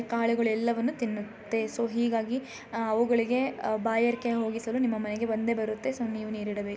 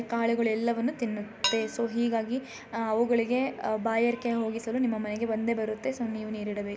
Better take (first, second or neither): first